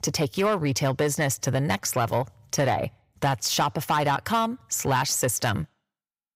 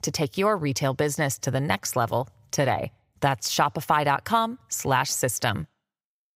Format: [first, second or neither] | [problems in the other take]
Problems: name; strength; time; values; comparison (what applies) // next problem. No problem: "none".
second | distortion; slight; 10 dB below the speech